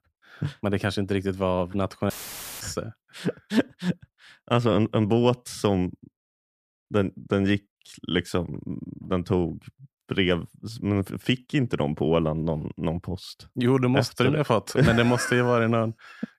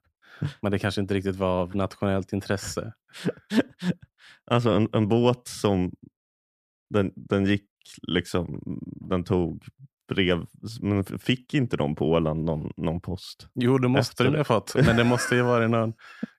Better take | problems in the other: second | audio cutting out; filled with static; at 2 s for 0.5 s

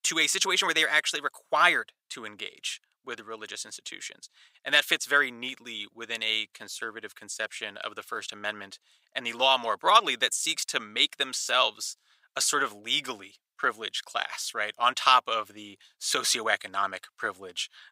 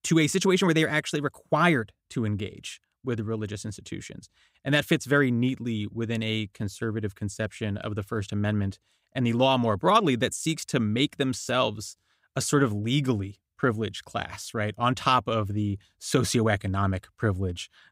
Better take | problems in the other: second | thin; very; fading below 900 Hz

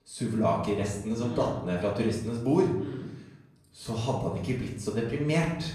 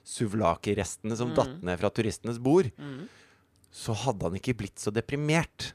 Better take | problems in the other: second | off-mic speech; far // room echo; noticeable; dies away in 0.8 s

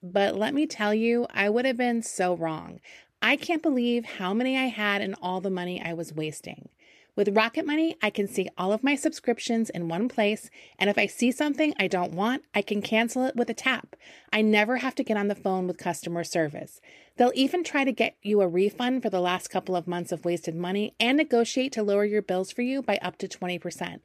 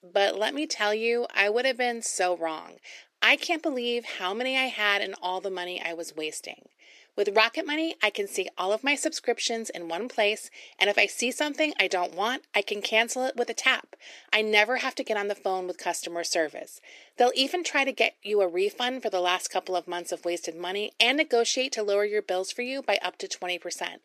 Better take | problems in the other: first | thin; somewhat; fading below 400 Hz

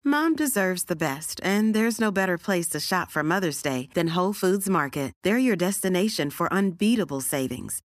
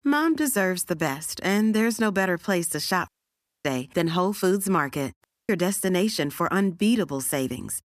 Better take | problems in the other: first | audio cutting out; at 3 s for 0.5 s and at 5 s

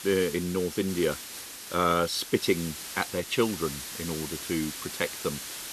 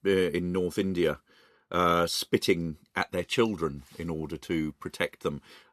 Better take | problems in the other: second | hiss; loud; throughout; 8 dB below the speech

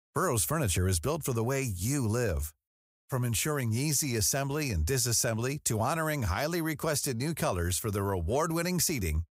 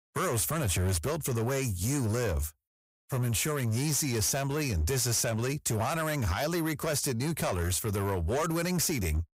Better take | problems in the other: first | distortion; slight; 16% of the sound clipped

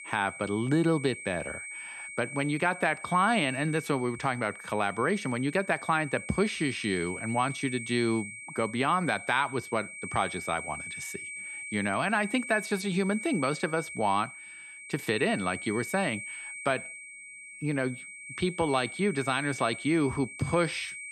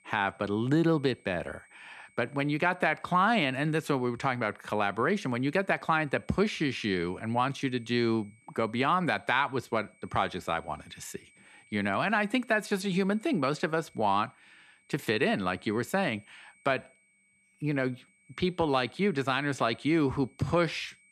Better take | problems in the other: second | high-pitched whine; loud; throughout; 2.5 kHz, 10 dB below the speech; faint in the second

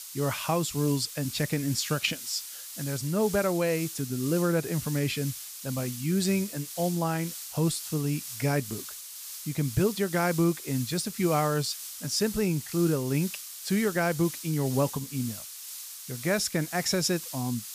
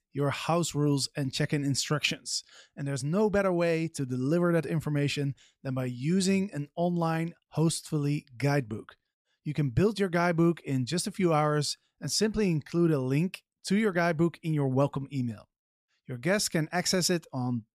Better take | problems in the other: second | hiss; loud; throughout; 9 dB below the speech

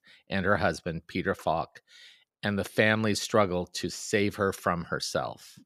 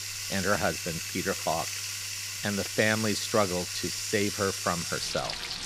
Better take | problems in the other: first | household noises; loud; throughout; 2 dB below the speech

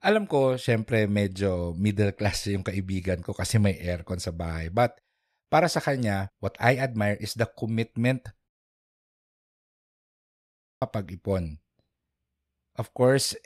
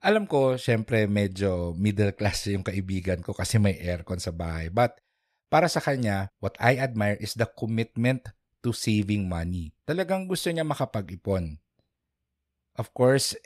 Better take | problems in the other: second | audio cutting out; at 8.5 s for 2.5 s

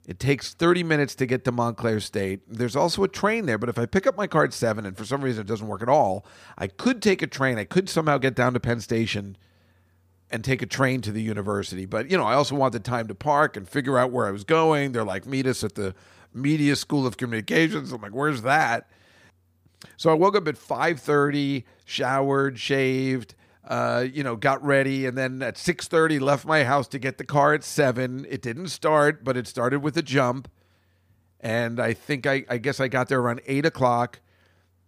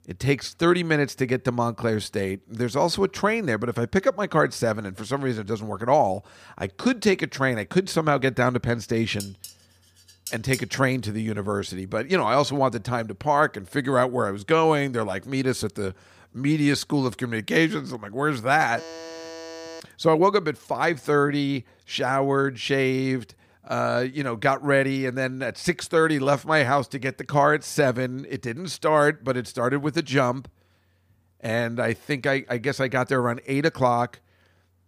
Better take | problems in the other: first | clattering dishes; faint; from 9 to 11 s; peak 10 dB below the speech // alarm; faint; from 19 to 20 s; peak 15 dB below the speech

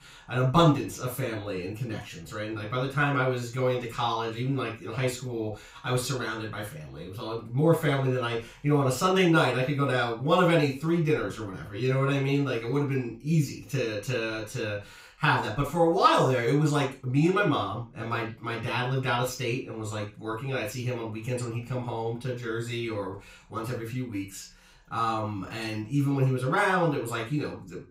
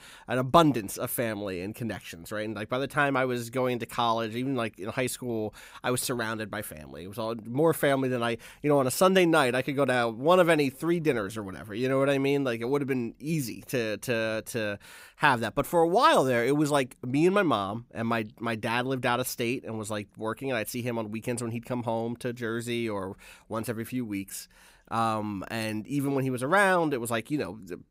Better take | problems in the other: second | room echo; noticeable; dies away in 0.3 s // off-mic speech; far

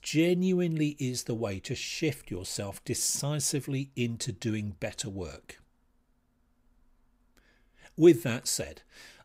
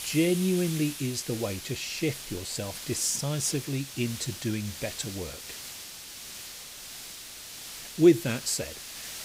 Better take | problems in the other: first | hiss; noticeable; throughout; 10 dB below the speech

